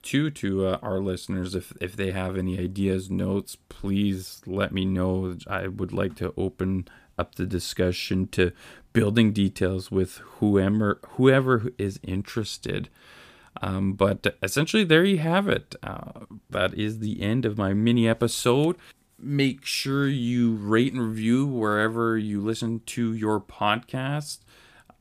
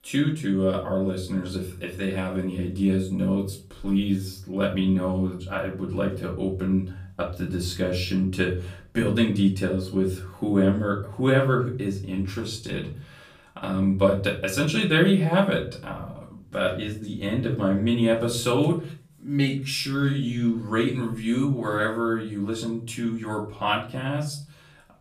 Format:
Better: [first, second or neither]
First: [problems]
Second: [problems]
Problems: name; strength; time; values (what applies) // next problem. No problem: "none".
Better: first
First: none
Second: off-mic speech; far // room echo; slight; dies away in 0.4 s